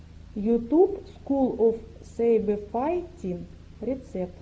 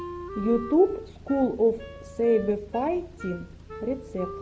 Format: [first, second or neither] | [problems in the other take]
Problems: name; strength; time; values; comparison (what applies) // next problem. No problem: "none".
first | background sound (Wind instrument, woodwind instrument); 14 dB below the speech